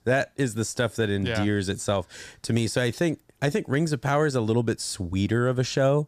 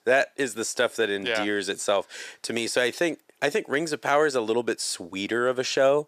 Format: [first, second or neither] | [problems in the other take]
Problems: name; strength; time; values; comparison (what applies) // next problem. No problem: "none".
first | thin; somewhat; fading below 450 Hz